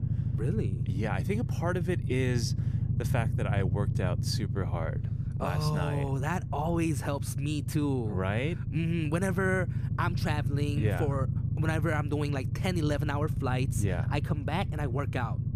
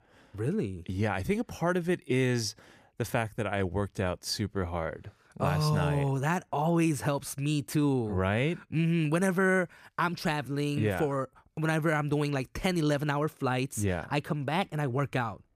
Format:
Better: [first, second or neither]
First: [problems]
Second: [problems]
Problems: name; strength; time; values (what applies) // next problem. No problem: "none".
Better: second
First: low rumble; loud; throughout; 10 dB below the speech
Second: none